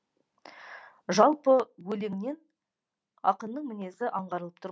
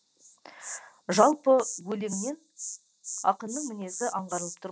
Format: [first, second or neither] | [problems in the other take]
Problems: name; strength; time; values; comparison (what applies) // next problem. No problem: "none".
first | background sound (Insect); 12 dB below the speech